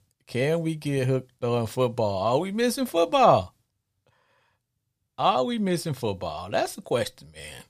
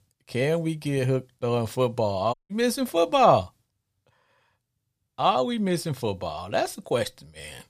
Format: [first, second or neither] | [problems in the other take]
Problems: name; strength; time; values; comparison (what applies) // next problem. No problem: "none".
first | audio cutting out; at 2.5 s